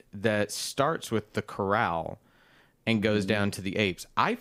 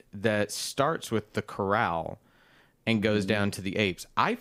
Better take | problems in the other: neither | none

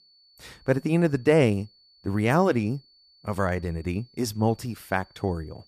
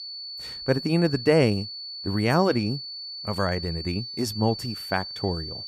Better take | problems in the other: first | high-pitched whine; loud; throughout; 4.5 kHz, 8 dB below the speech; faint in the first

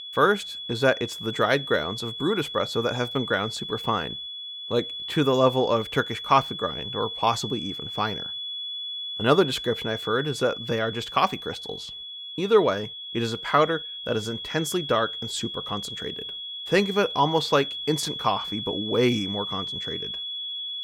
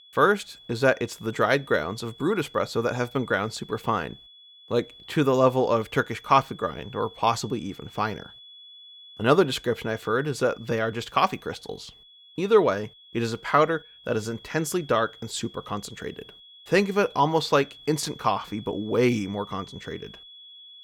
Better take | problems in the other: second | high-pitched whine; loud; throughout; 3.5 kHz, 7 dB below the speech; faint in the second

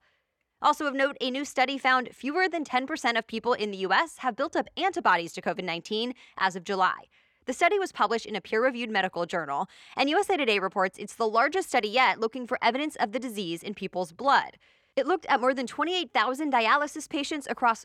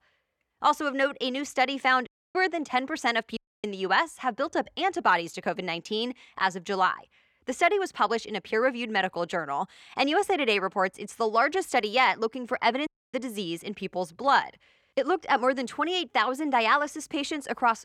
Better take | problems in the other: first | audio cutting out; at 2 s, at 3.5 s and at 13 s

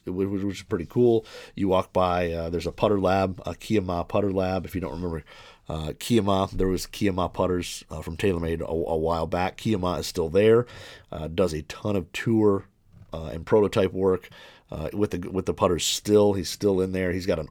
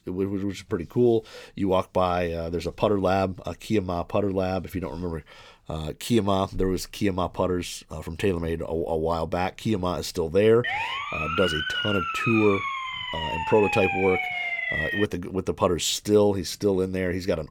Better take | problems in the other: first | siren; loud; from 11 to 15 s; peak level with the speech

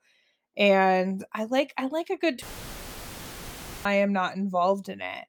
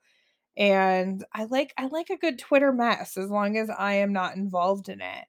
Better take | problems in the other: second | audio cutting out; filled with static; at 2.5 s for 1.5 s

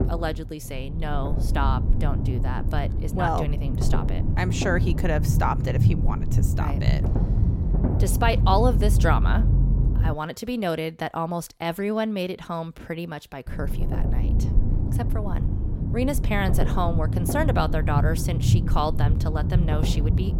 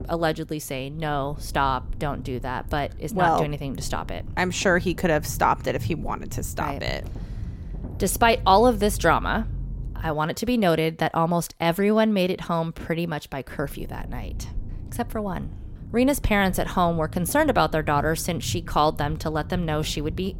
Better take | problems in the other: second | low rumble; loud; until 10 s and from 13 s on; 8 dB below the speech; faint in the second

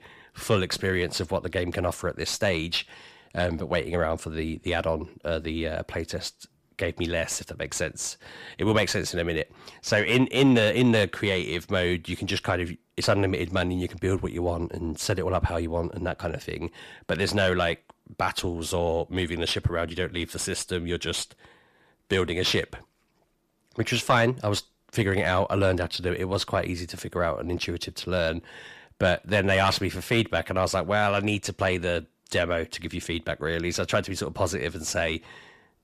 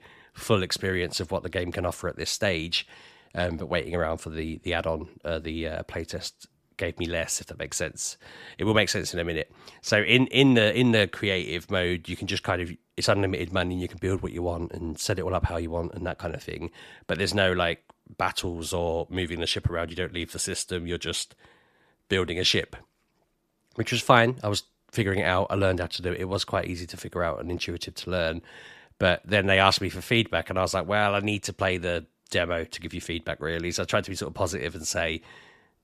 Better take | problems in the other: second | distortion; slight; 10 dB below the speech

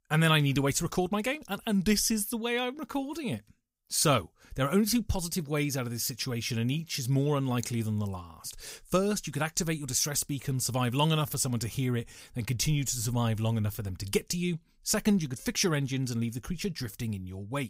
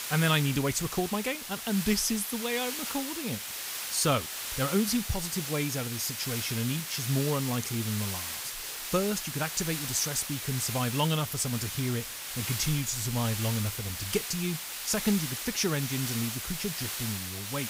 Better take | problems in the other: first | hiss; loud; throughout; 4 dB below the speech

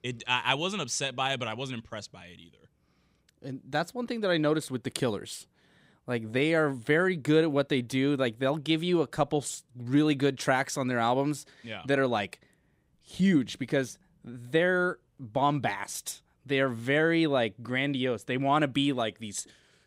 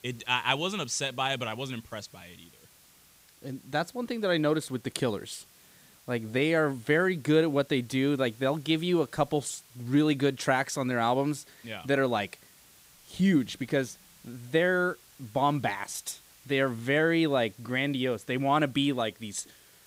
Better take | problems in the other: first | hiss; faint; throughout; 25 dB below the speech

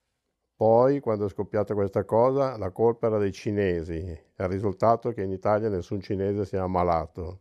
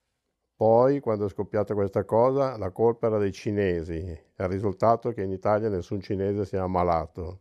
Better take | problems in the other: neither | none

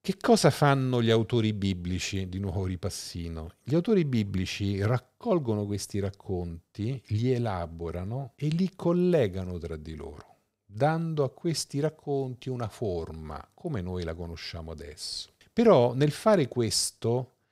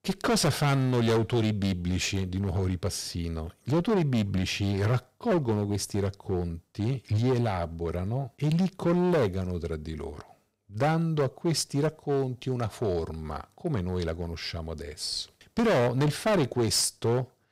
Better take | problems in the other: first | distortion; heavy; 10% of the sound clipped

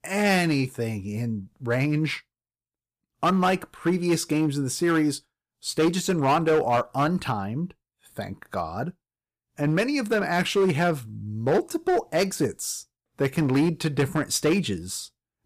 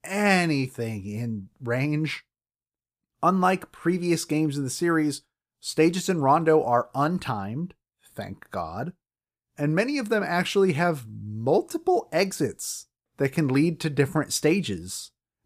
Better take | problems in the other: second | distortion; slight; 5% of the sound clipped

